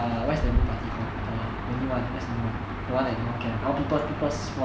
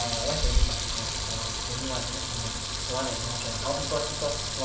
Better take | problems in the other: first | background sound (Sink (filling or washing) / Water tap, faucet); 3 dB below the speech // room echo; dies away in 0.6 s

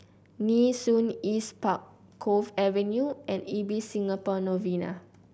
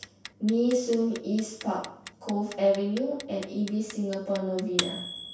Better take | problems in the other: first | background sound (Clock); 12 dB below the speech // room echo; dies away in 0.7 s

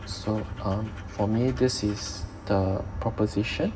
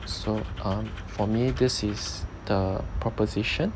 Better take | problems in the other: second | room echo; dies away in 2.7 s

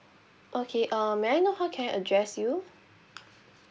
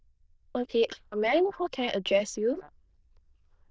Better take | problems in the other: first | noise reduction (neural diffusion model UNIVERSE++)

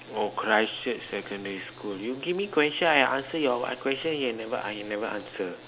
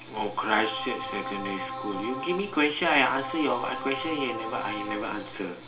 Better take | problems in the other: first | background sound (Keyboard (musical)); 8 dB below the speech // room echo; dies away in 0.3 s

